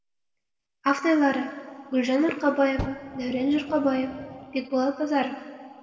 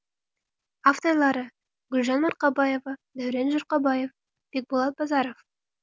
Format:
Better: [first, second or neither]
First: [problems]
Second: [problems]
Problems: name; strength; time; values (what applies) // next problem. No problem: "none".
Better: second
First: background sound (Fire); 15 dB below the speech // room echo; dies away in 2.1 s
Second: none